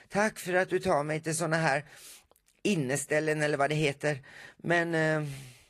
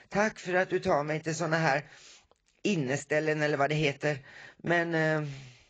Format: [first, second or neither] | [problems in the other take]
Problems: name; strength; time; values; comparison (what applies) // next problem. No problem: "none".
first | garbled, watery; badly; nothing above 7.5 kHz; slightly in the first